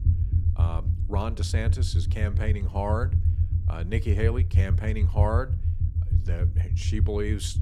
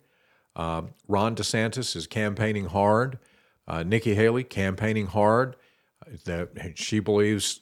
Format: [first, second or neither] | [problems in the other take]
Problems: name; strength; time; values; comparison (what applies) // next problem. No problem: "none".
second | low rumble; loud; throughout; 8 dB below the speech